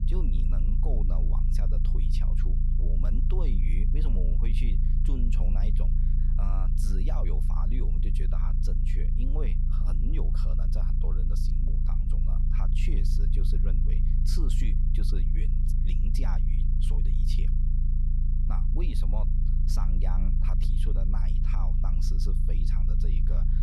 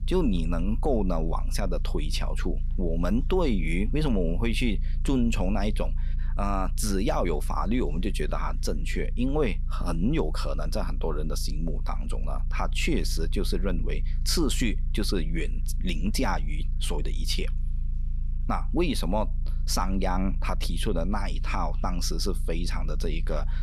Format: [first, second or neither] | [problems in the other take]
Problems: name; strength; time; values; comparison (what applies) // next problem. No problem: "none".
second | low rumble; loud; throughout; 2 dB below the speech; faint in the second